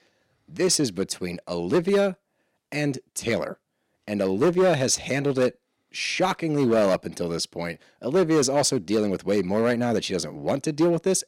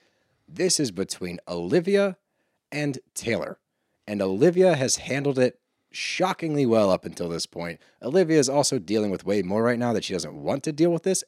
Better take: second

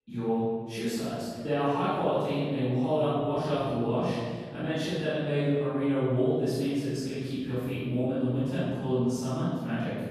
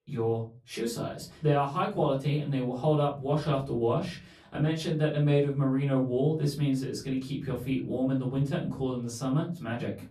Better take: second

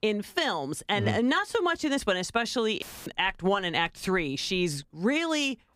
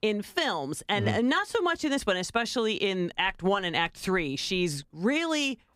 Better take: second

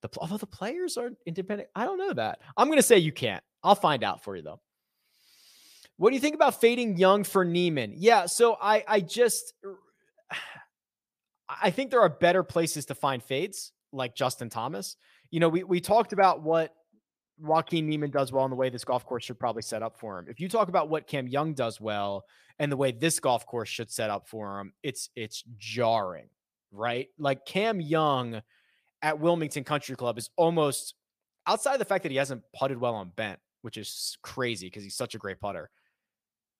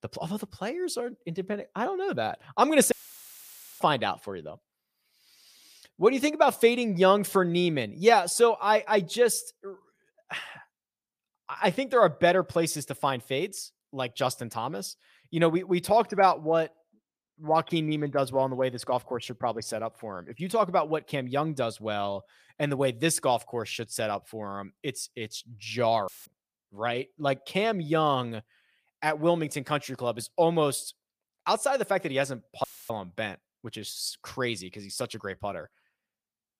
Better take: first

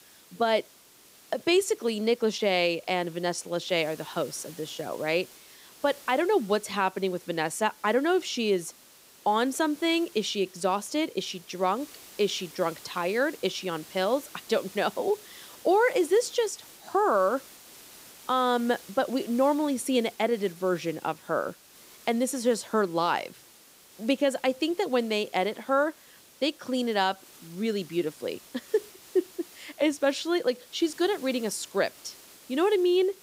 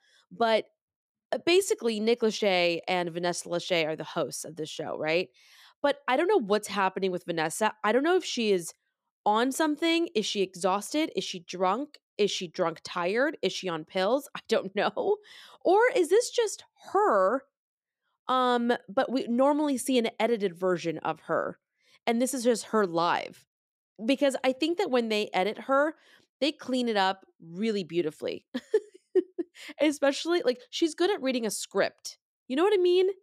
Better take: second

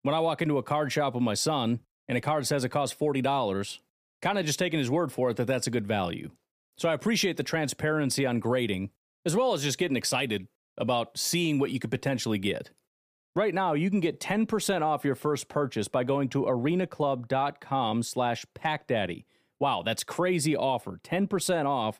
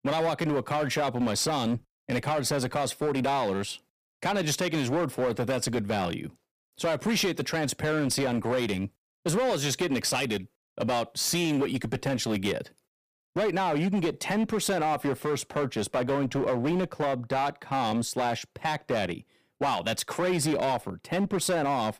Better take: first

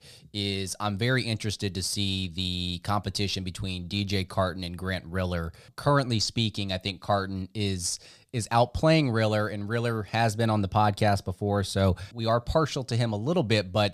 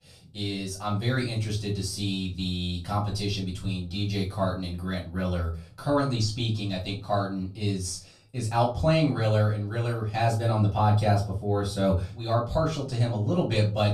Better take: first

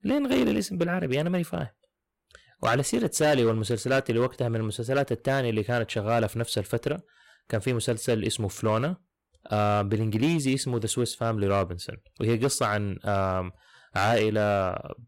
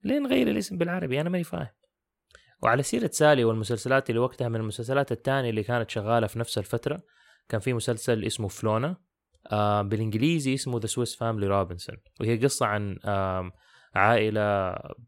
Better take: second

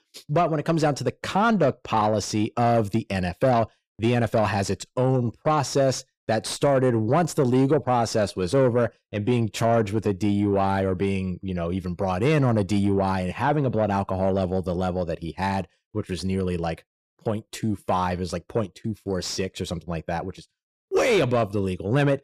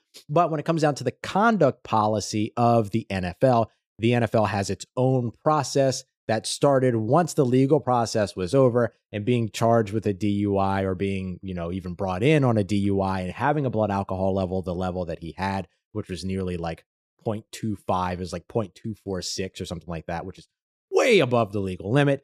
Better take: second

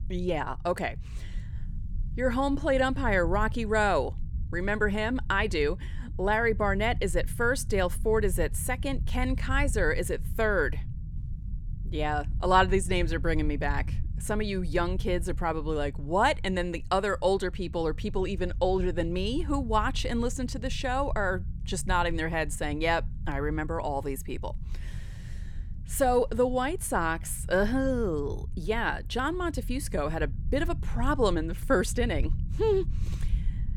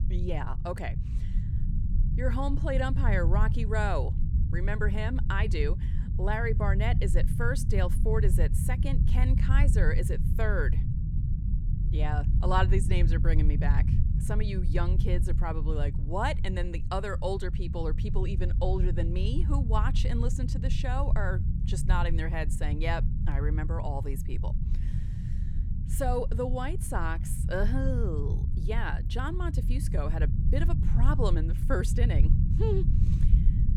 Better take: first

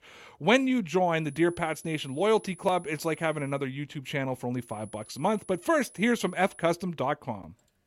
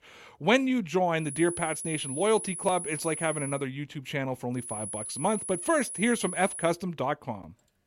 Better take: first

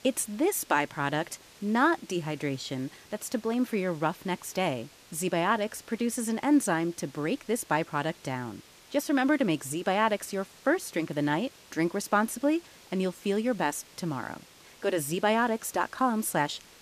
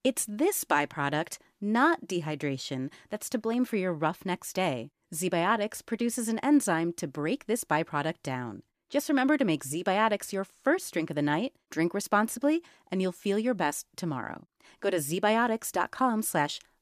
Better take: second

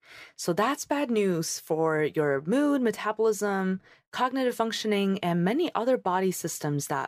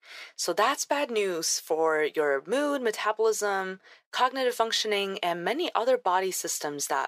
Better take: first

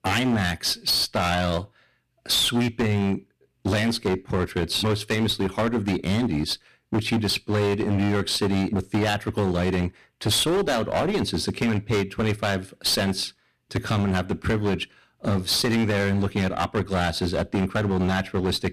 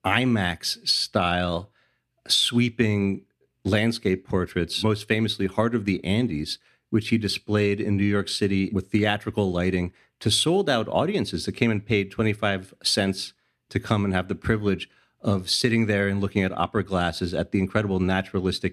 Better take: second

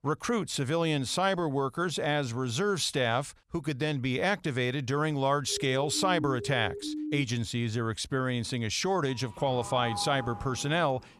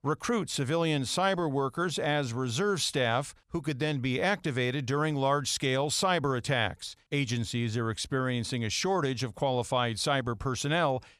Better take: second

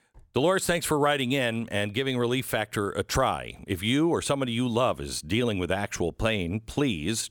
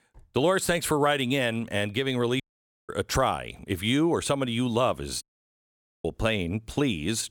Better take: first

